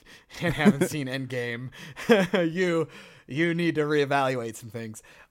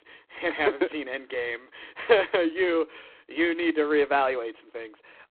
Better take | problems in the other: first | phone-call audio; poor line

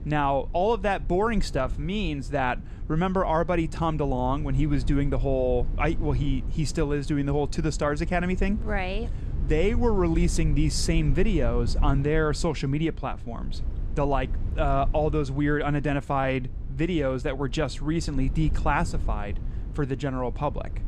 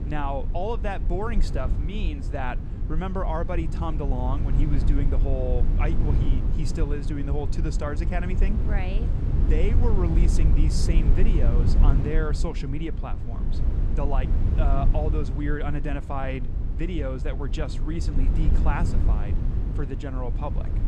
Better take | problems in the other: first | low rumble; loud; throughout; 7 dB below the speech; faint in the first

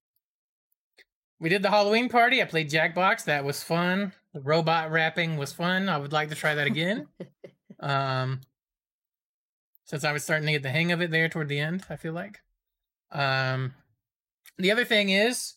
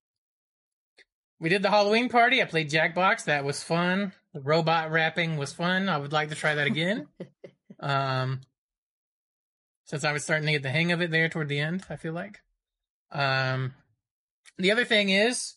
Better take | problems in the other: first | garbled, watery; slightly; nothing above 10.5 kHz

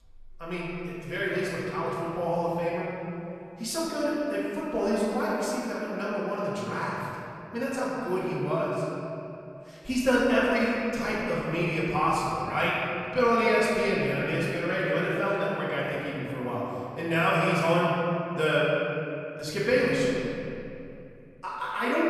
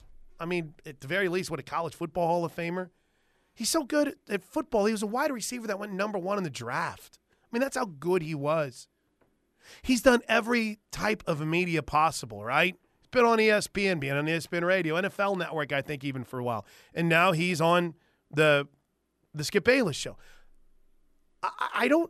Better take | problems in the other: second | off-mic speech; far // room echo; strong; dies away in 2.7 s

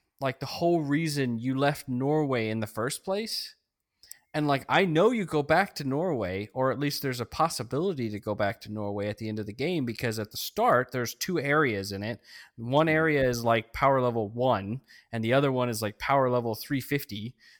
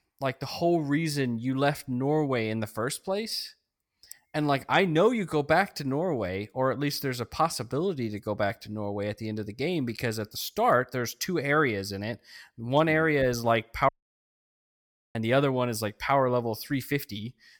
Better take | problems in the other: first | audio cutting out; at 14 s for 1.5 s

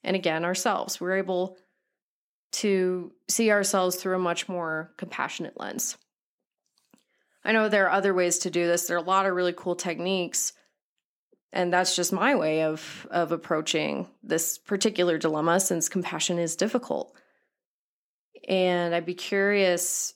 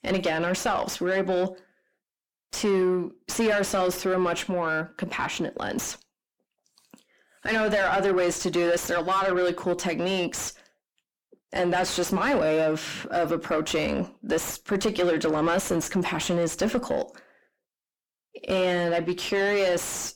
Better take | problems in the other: first | distortion; heavy; 6 dB below the speech

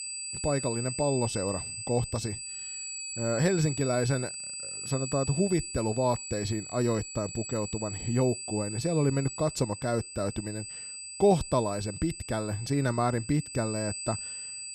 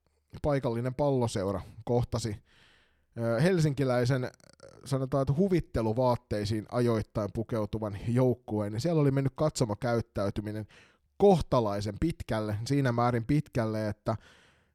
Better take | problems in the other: second | high-pitched whine; loud; throughout; 8 kHz, 7 dB below the speech

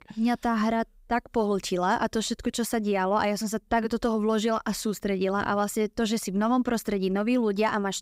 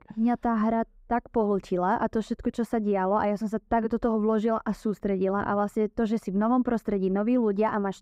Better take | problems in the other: first | muffled; very; fading above 2 kHz

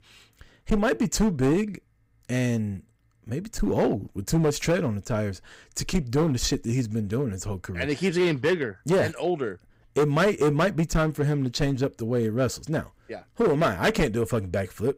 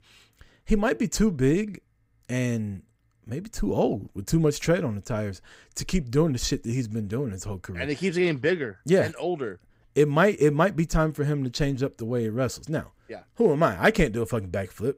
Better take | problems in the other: second | distortion; slight; 7% of the sound clipped

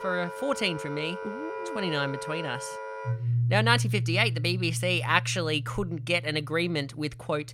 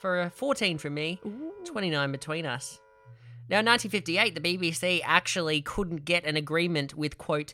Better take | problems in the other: second | background music; loud; throughout; 5 dB below the speech; faint in the second

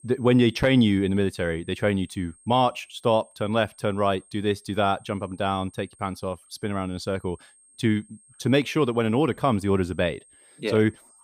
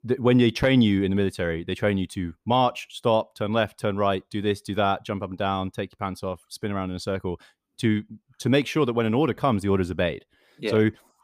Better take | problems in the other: second | high-pitched whine; faint; throughout; 8.5 kHz, 30 dB below the speech

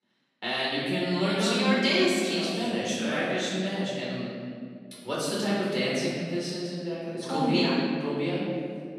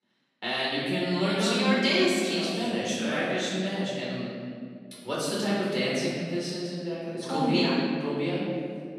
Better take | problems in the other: neither | room echo; strong; dies away in 2.1 s; the same in both // off-mic speech; far; the same in both

